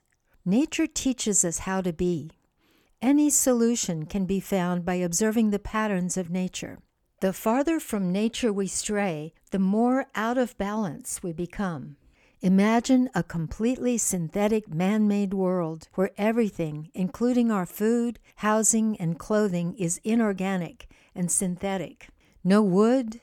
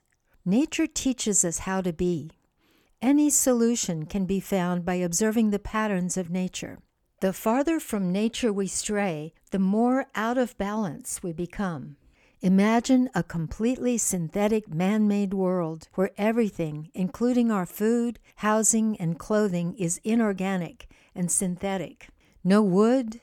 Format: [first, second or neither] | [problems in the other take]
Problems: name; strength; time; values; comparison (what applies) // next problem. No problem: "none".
neither | none